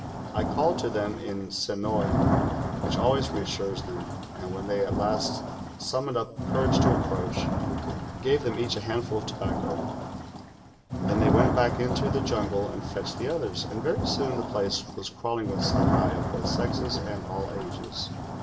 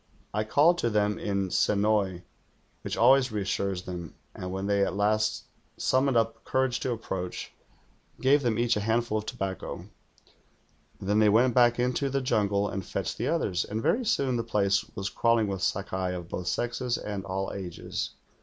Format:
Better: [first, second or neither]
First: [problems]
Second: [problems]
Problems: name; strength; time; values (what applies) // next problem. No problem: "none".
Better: second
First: background sound (Thunder / Rain); 1 dB above the speech // room echo; dies away in 2.2 s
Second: none